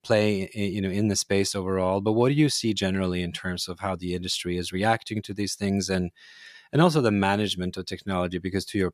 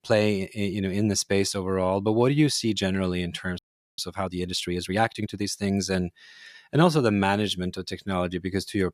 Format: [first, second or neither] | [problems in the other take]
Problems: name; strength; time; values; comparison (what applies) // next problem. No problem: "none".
first | audio freezing; at 3.5 s